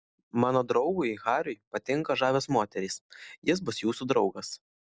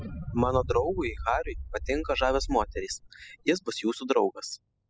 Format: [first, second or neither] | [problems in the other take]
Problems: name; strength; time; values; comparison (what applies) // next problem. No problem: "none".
first | noise reduction (classical method spectral subtraction)